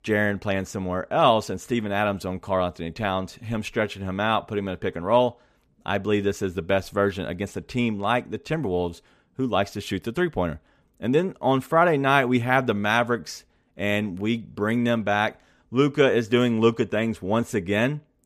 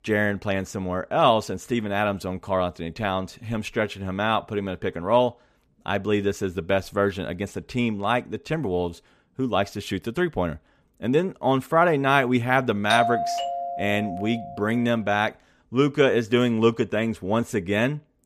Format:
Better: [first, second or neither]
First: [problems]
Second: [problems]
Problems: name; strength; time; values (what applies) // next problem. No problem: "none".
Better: first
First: none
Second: doorbell; loud; from 13 to 14 s; peak 1 dB above the speech